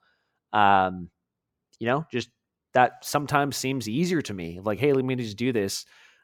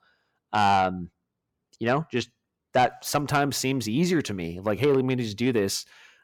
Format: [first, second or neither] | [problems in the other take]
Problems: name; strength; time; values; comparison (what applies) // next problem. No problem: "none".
first | distortion; slight; 10 dB below the speech